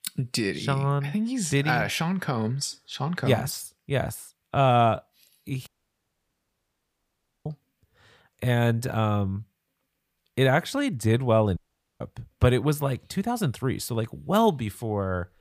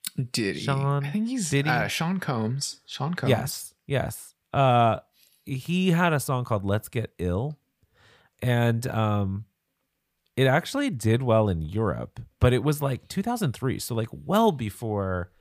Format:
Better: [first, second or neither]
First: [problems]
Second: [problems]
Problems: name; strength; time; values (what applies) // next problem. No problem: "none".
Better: second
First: audio cutting out; at 5.5 s for 2 s and at 12 s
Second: none